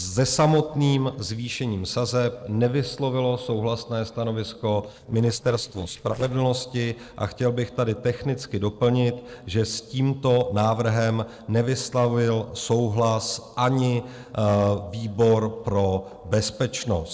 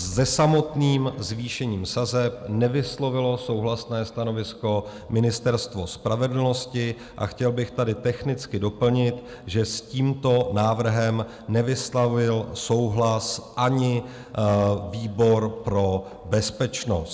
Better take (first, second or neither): second